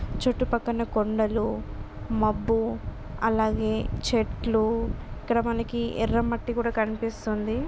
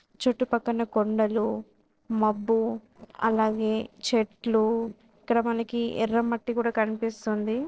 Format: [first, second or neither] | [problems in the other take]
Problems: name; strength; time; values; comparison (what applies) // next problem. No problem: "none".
first | noise reduction (neural separator model SepFormer DNS4)